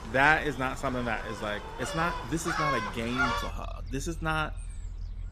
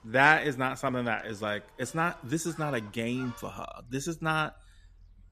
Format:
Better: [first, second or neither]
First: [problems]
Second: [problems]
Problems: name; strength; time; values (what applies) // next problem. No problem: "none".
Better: second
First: animal sounds; loud; throughout; 5 dB below the speech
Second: animal sounds; faint; throughout; 25 dB below the speech